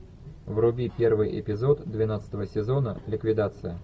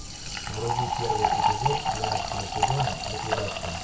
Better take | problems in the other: first | background sound (Fill (with liquid)); 5 dB above the speech // room echo; dies away in 0.2 s

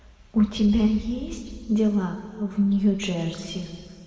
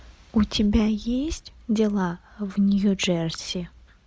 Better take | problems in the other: second | room echo; dies away in 1.9 s

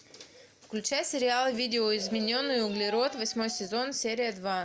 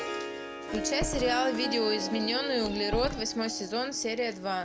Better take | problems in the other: first | background sound (Harp + Door); 5 dB below the speech

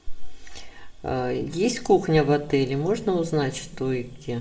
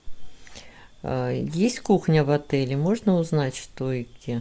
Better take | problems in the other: second | room echo; dies away in 1 s

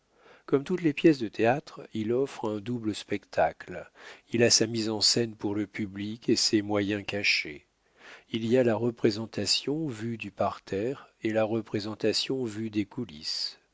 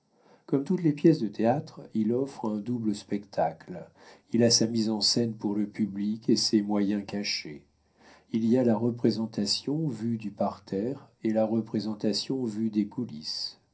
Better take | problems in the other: first | room echo; dies away in 0.3 s

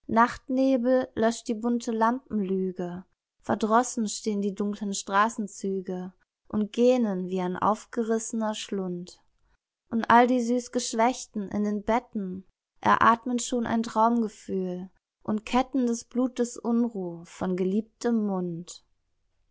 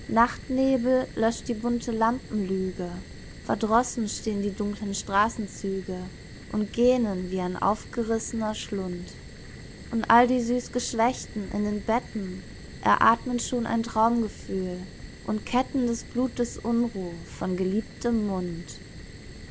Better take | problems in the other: first | background sound (Fire); 15 dB below the speech

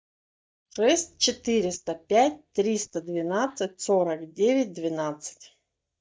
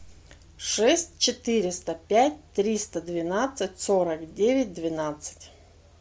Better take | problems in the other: second | noise reduction (neural mask model DeepFilterNet 3)

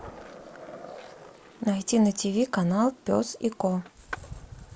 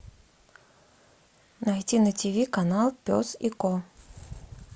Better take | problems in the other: second | background sound (Skateboard); 18 dB below the speech

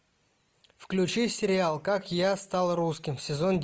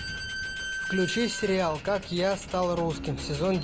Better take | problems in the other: first | background sound (Squeak / Slam); 7 dB below the speech

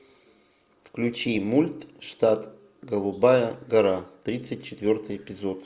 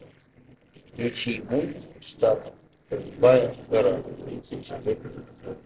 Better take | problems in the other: first | noise reduction (neural separator model SepFormer DNS4)

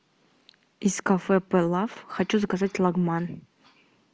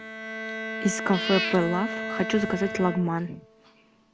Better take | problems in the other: first | background sound (Bowed string instrument + Meow / Purr); 6 dB below the speech

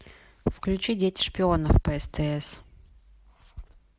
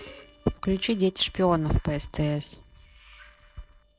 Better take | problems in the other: first | noise reduction (neural separator model SepFormer DNS4)

